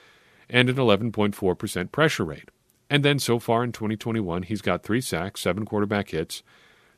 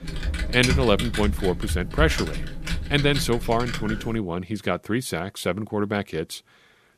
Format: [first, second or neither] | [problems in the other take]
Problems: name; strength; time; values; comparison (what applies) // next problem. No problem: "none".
first | keyboard typing; loud; until 4 s; peak 1 dB above the speech